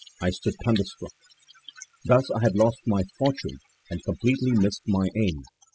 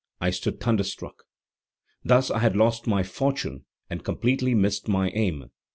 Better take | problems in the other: second | noise reduction (classical method spectral subtraction)

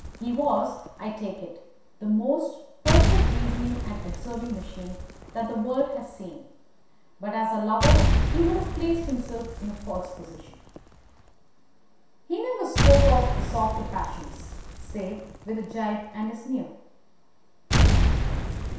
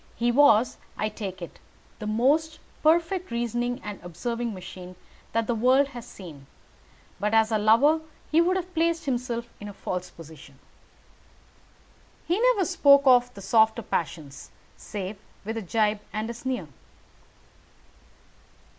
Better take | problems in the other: second | background sound (Explosion); 3 dB above the speech // room echo; dies away in 0.7 s

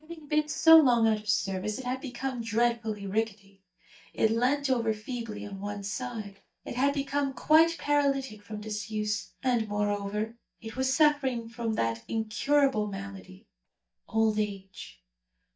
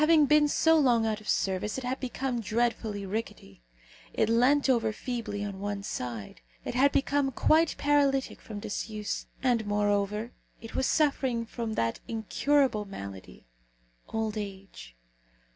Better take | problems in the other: second | noise reduction (neural mask model DeepFilterNet 3)

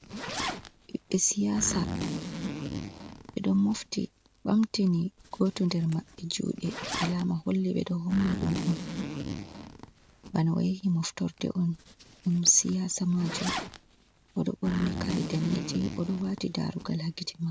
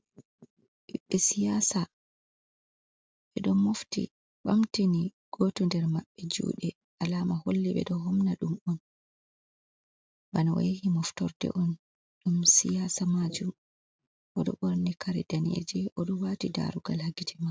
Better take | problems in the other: second | background sound (Zipper (clothing)); 9 dB below the speech

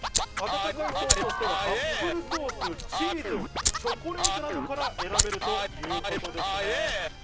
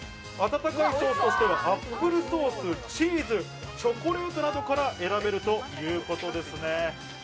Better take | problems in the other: second | background sound (Scratching (performance technique) + Fire); 4 dB above the speech

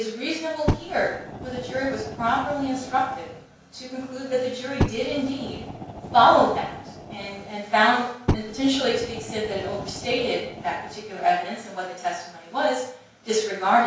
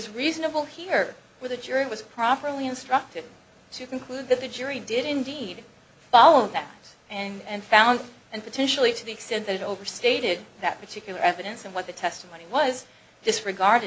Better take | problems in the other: second | background sound (Fire); 7 dB below the speech // room echo; dies away in 0.5 s

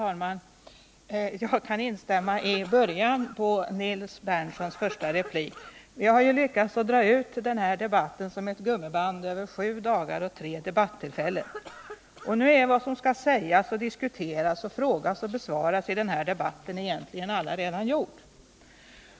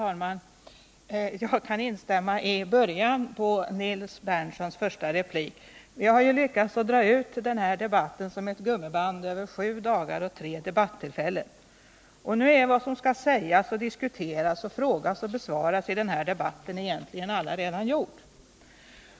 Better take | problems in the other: second | background sound (Cough); 18 dB below the speech

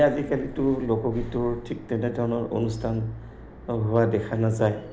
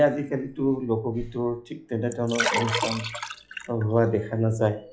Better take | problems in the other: first | noise reduction (classical method log-MMSE)

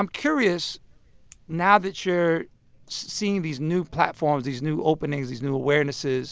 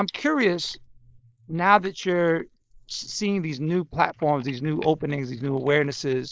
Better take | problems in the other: first | noise reduction (neural mask model Resemble Enhance denoiser)

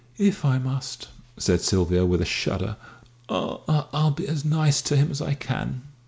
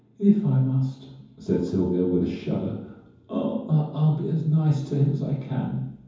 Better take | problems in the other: first | room echo; dies away in 0.9 s

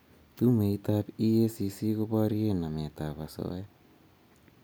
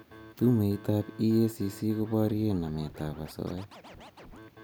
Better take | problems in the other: first | background sound (Scratching (performance technique)); 20 dB below the speech

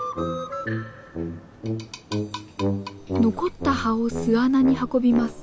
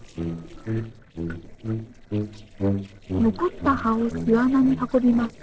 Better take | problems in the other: first | noise reduction (neural separator model SepFormer DNS4)

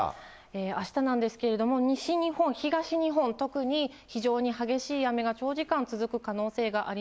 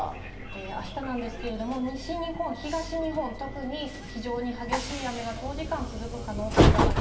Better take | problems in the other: first | background sound (Train); 4 dB above the speech // room echo; dies away in 0.9 s

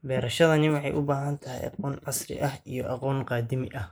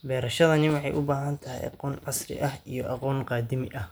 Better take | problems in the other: second | noise reduction (neural mask model Resemble Enhance denoiser)

